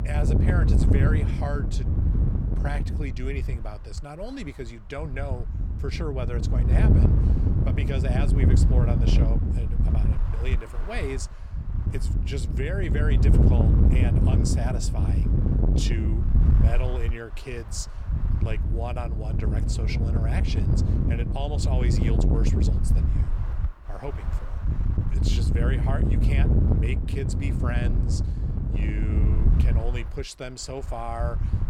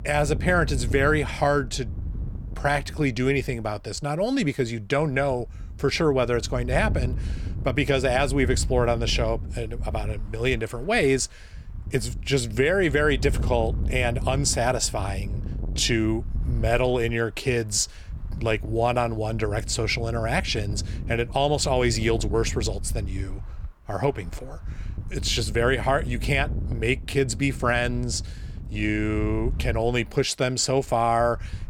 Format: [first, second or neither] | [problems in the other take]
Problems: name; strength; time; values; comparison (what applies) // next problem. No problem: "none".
second | wind noise on the microphone; heavy; 1 dB below the speech; occasional gusts in the second